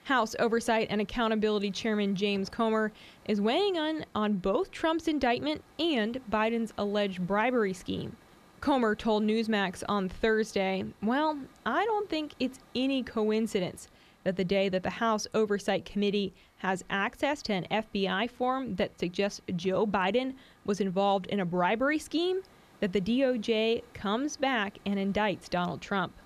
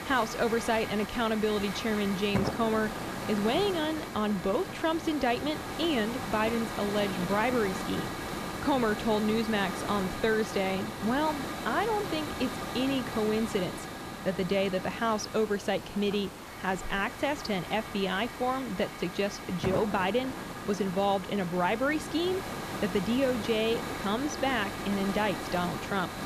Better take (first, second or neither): first